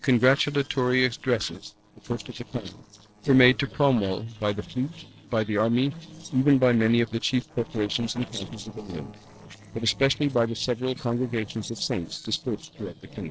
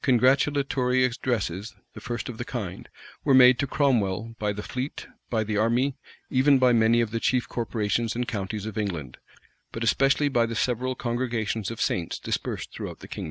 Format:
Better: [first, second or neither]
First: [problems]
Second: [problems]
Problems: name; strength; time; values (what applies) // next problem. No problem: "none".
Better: second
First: noise reduction (neural separator model SepFormer DNS4)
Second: none